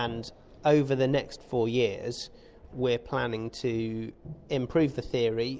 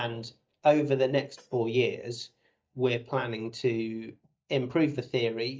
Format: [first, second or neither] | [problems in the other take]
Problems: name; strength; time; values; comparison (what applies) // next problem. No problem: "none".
first | noise reduction (neural mask model DeepFilterNet 3)